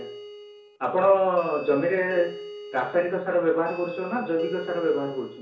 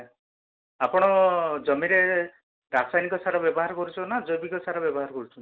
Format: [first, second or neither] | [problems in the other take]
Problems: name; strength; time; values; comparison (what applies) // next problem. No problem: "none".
second | background sound (Doorbell); 14 dB below the speech // room echo; dies away in 0.7 s